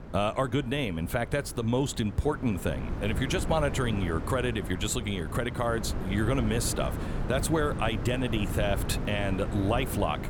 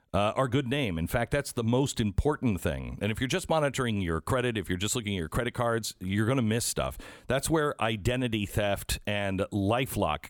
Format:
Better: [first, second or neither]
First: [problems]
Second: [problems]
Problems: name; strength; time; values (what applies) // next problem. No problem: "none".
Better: second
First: wind noise on the microphone; occasional gusts; 10 dB below the speech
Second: none